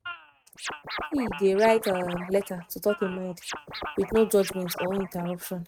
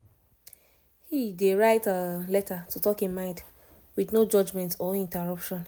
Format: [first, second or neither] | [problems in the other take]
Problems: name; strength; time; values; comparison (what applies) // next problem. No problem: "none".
second | noise reduction (neural mask model RNNoise)